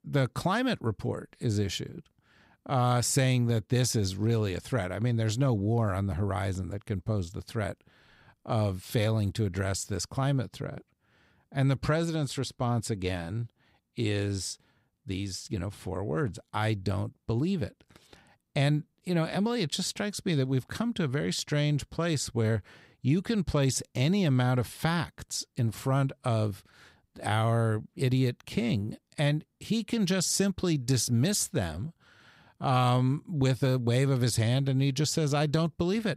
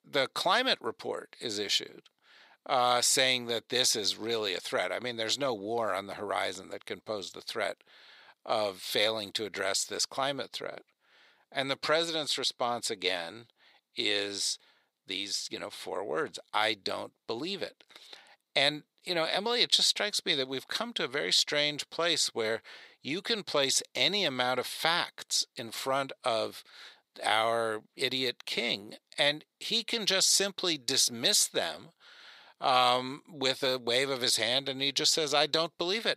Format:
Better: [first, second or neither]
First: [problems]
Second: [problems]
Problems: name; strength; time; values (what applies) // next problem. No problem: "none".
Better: first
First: none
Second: thin; very; fading below 550 Hz